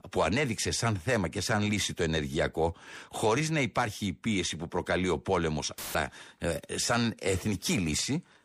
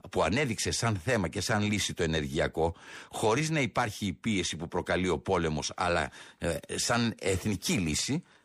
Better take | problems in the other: second | audio cutting out; filled with static; at 6 s

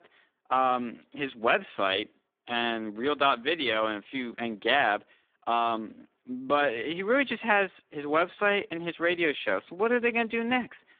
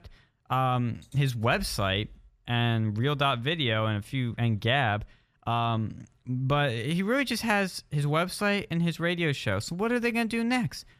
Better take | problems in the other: second | phone-call audio; poor line; nothing above 3.5 kHz

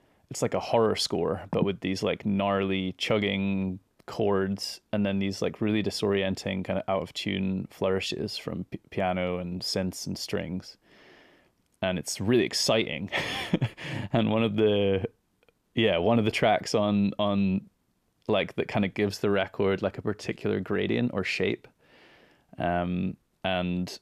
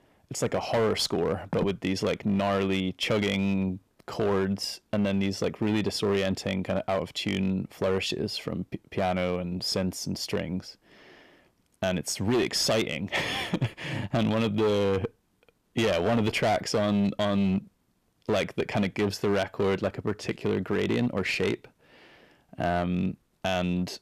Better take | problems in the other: first | distortion; slight; 9% of the sound clipped

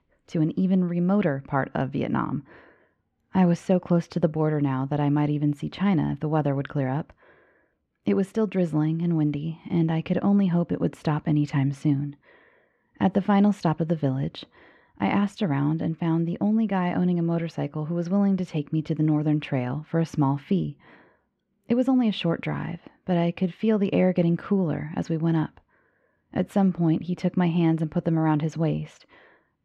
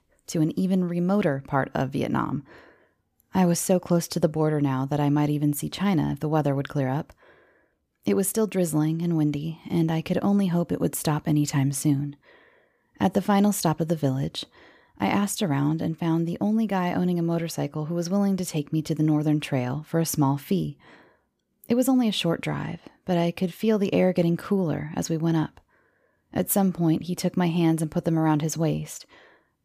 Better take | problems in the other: second | muffled; slightly; fading above 2.5 kHz

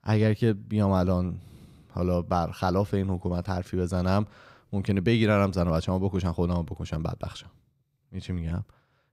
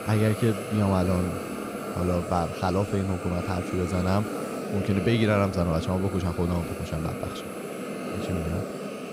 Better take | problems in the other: first | hiss; loud; throughout; 6 dB below the speech

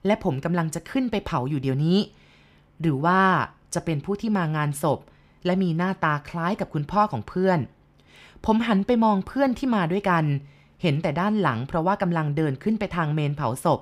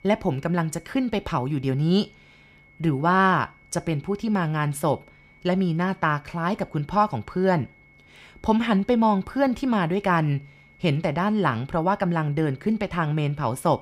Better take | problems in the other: first | high-pitched whine; faint; throughout; 2 kHz, 30 dB below the speech

